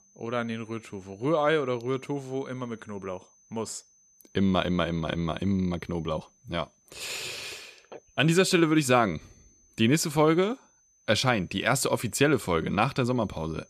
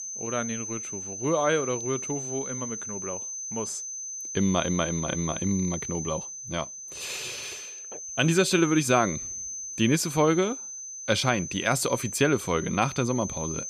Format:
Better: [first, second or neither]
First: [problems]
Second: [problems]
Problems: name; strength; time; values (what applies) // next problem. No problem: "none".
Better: first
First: high-pitched whine; faint; throughout; 6 kHz, 35 dB below the speech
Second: high-pitched whine; loud; throughout; 6 kHz, 7 dB below the speech